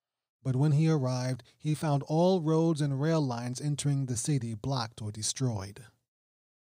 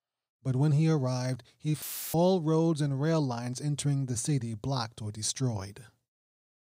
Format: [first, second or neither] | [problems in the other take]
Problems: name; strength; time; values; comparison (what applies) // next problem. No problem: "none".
first | audio cutting out; filled with static; at 2 s